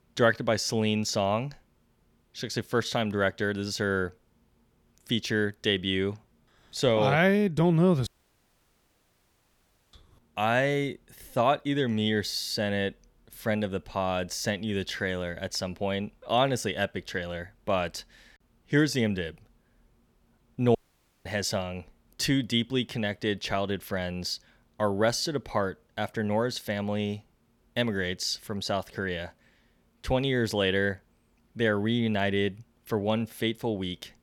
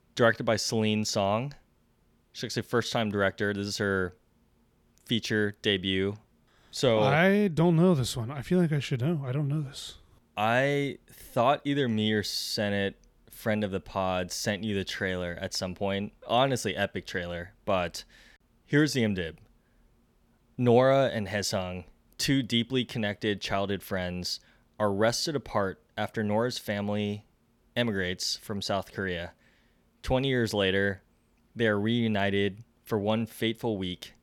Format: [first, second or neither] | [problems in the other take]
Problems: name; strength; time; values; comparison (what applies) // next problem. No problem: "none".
second | audio cutting out; at 8 s for 2 s and at 21 s for 0.5 s